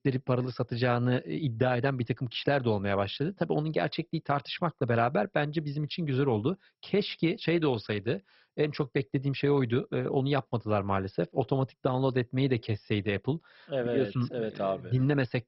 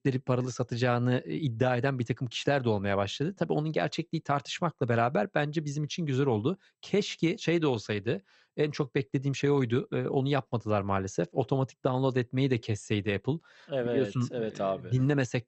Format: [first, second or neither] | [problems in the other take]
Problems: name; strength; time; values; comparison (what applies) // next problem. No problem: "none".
second | garbled, watery; badly; nothing above 5.5 kHz; slightly in the second